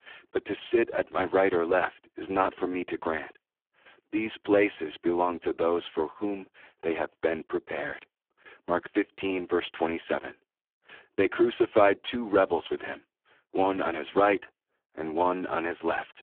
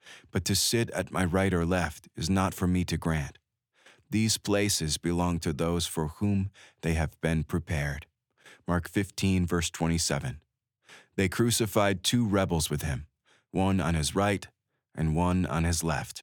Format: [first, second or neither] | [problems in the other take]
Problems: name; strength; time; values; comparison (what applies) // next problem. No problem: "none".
second | phone-call audio; poor line